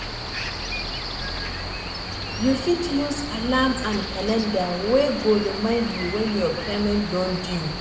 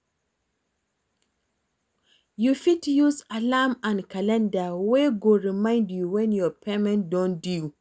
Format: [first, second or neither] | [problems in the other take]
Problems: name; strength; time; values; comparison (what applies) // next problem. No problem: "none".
second | background sound (Cricket); 5 dB below the speech // room echo; dies away in 0.8 s